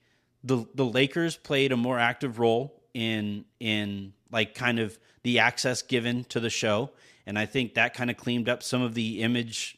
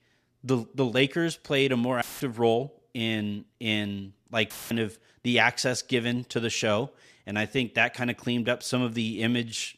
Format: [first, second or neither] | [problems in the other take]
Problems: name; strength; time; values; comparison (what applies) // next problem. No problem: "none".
first | audio cutting out; filled with static; at 2 s and at 4.5 s